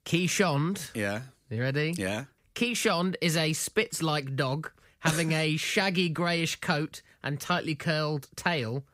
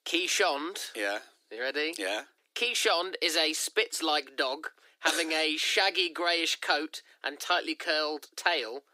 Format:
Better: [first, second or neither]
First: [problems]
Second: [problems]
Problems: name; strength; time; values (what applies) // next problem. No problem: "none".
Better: first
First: none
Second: thin; very; fading below 300 Hz